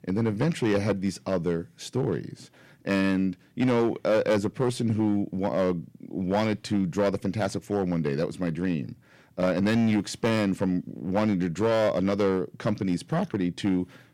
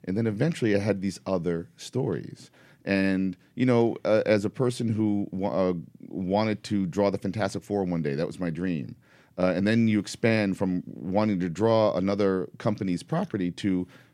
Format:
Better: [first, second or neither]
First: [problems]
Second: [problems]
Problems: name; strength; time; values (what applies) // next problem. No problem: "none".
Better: second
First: distortion; slight; 5% of the sound clipped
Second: none